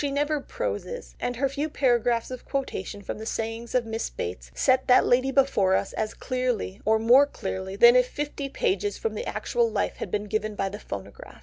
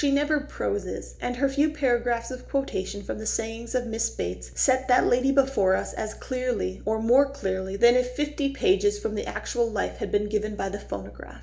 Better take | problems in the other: first | room echo; dies away in 0.4 s

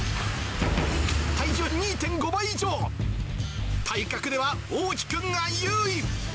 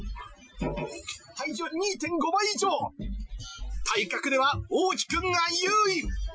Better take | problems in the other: first | noise reduction (classical method Wiener filter)

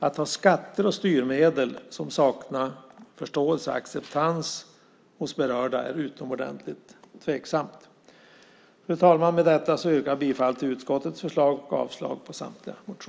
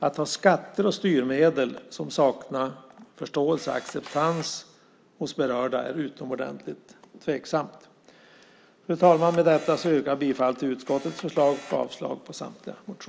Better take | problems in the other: first | background sound (Camera); 19 dB below the speech

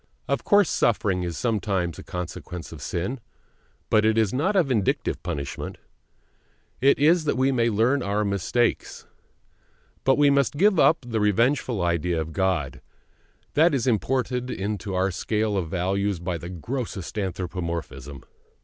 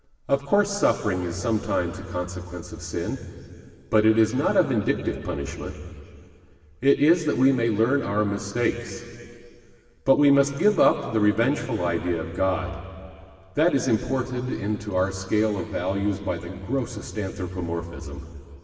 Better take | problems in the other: first | room echo; dies away in 2.4 s

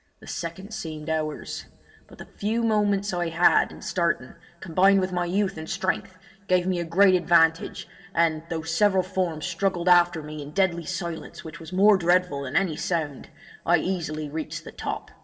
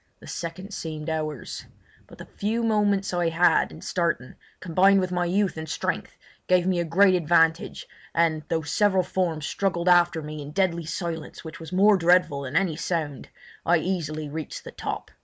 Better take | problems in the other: second | room echo; dies away in 0.4 s

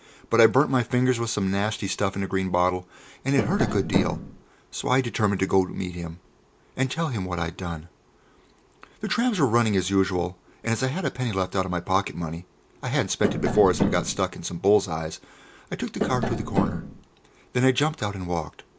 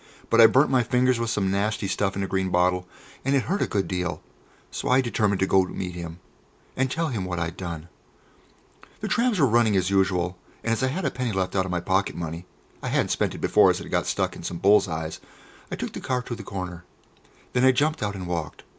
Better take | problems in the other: second | background sound (Tap); 1 dB below the speech

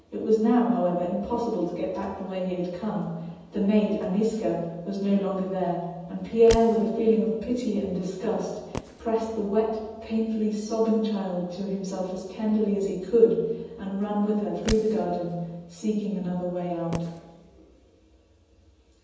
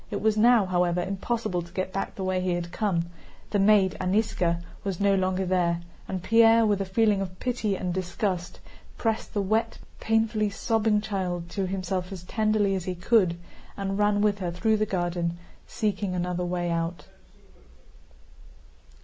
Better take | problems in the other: second | background sound (Fireworks); 14 dB below the speech // room echo; dies away in 1.1 s

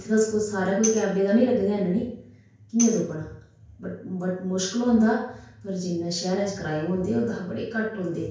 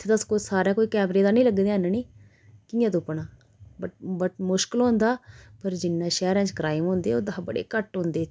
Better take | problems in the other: second | background sound (Tambourine); 12 dB below the speech // room echo; dies away in 0.5 s

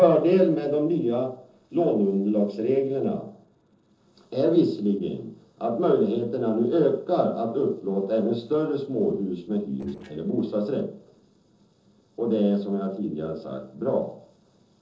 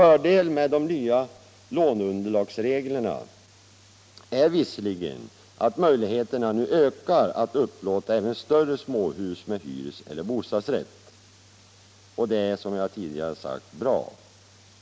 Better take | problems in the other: second | noise reduction (neural separator model SepFormer DNS4)

